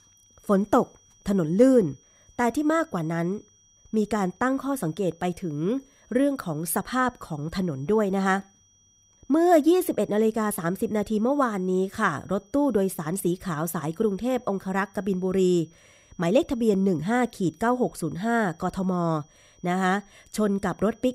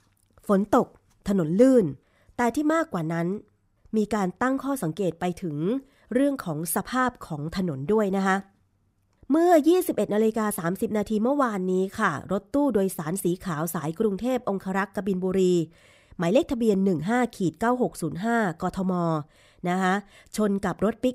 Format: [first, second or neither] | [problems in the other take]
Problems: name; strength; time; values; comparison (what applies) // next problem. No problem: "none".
second | high-pitched whine; faint; throughout; 6 kHz, 35 dB below the speech